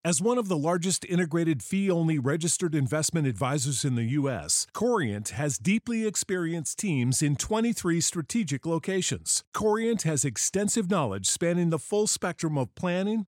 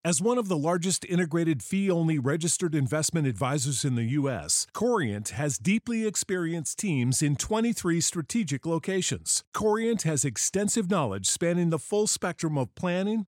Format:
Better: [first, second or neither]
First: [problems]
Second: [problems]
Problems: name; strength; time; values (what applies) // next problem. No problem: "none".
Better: neither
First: none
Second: none